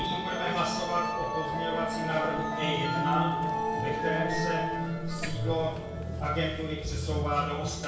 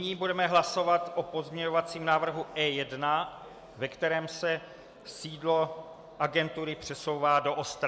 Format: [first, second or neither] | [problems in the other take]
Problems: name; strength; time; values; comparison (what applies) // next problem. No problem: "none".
second | background sound (Musical instrument); 1 dB above the speech // room echo; dies away in 0.6 s